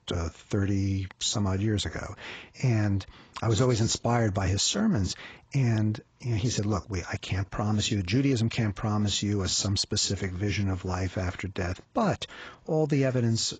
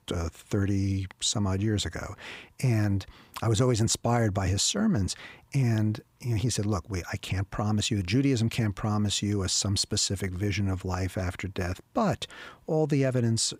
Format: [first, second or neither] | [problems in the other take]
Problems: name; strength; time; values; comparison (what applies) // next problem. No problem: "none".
second | garbled, watery; badly; nothing above 7.5 kHz